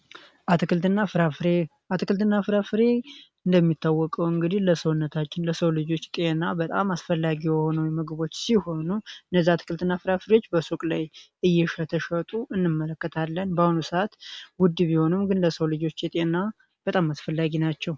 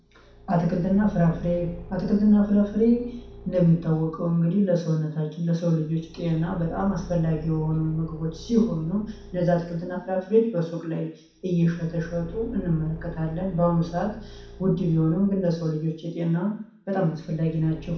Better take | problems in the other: first | background sound (Engine / Car); 18 dB below the speech // room echo; dies away in 0.6 s

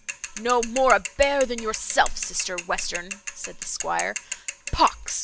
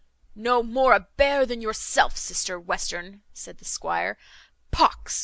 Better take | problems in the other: second | background sound (Mechanisms / Bicycle); 11 dB below the speech

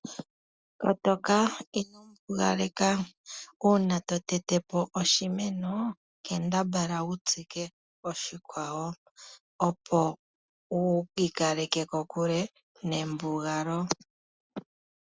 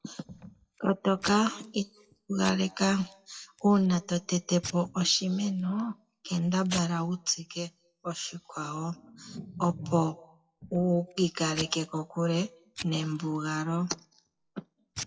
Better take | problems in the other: first | noise reduction (classical method WPE with log-MMSE)

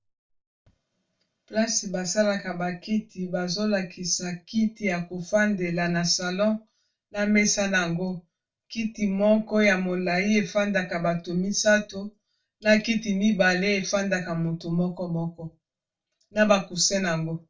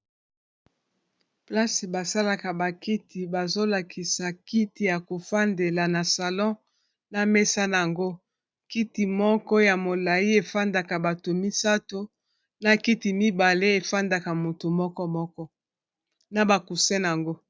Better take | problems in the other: second | room echo; dies away in 0.2 s

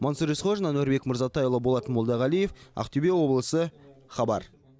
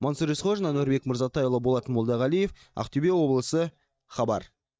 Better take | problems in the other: first | noise reduction (neural mask model DeepFilterNet 3)

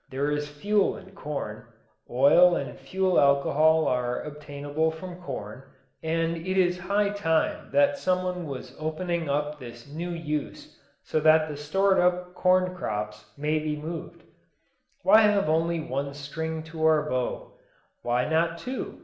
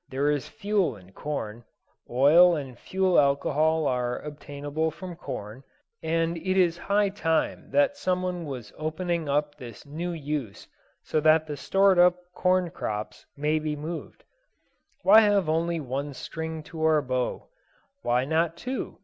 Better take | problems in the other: second | room echo; dies away in 0.7 s

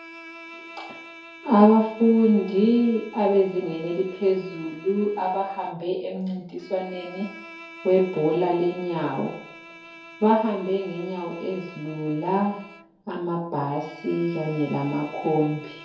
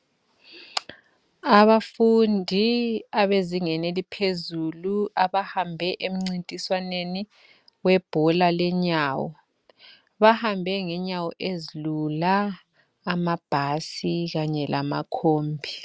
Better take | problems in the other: second | background sound (Bowed string instrument); 20 dB below the speech // room echo; dies away in 2.3 s

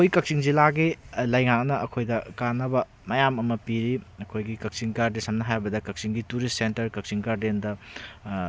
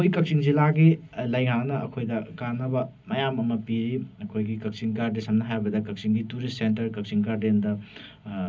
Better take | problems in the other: first | room echo; dies away in 0.4 s

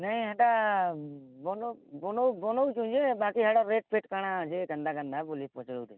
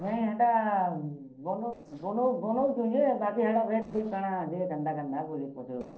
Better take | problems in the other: first | noise reduction (neural separator model SepFormer DNS4)

